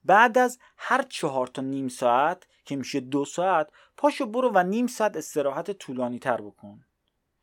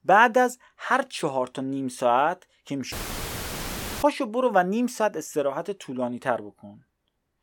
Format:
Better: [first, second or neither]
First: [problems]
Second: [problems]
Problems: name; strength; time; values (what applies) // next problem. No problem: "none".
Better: first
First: none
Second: audio cutting out; filled with static; at 3 s for 1 s